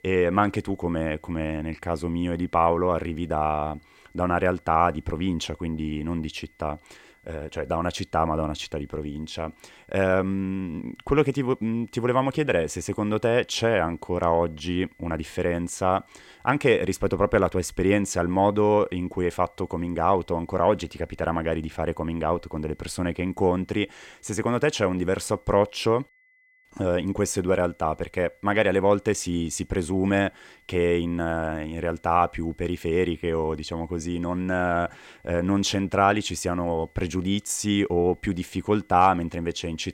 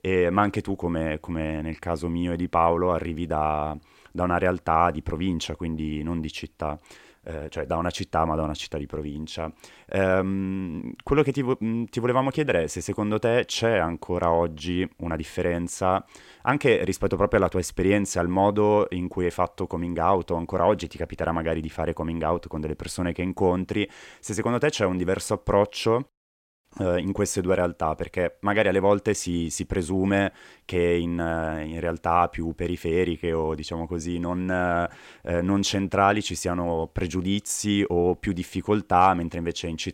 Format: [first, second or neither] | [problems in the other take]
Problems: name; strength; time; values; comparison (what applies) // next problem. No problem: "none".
second | high-pitched whine; faint; throughout; 2 kHz, 35 dB below the speech